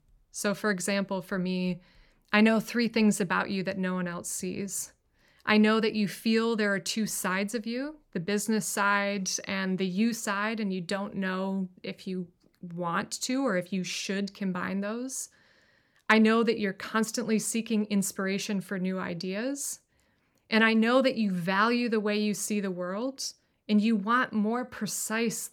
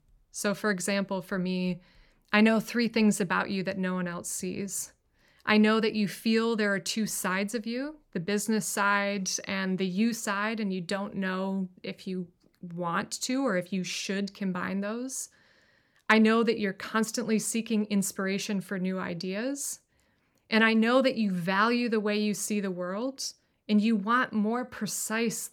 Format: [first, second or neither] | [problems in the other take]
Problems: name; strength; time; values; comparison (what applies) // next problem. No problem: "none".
neither | none